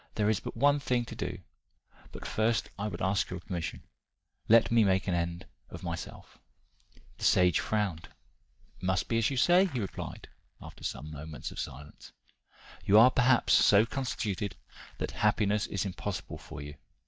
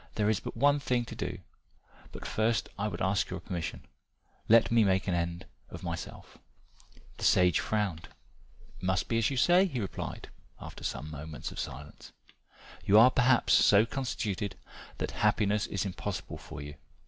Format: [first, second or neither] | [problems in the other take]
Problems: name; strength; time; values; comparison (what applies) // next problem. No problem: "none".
second | noise reduction (neural mask model DeepFilterNet 3)